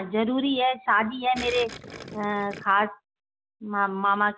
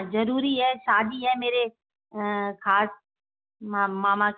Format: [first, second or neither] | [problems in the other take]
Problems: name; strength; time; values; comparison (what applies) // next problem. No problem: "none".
second | background sound (Gurgling); 15 dB below the speech